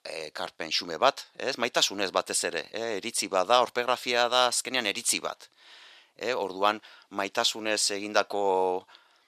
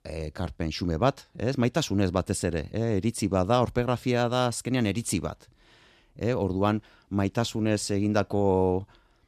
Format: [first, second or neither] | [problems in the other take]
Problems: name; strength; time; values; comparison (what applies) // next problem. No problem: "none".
second | thin; very; fading below 700 Hz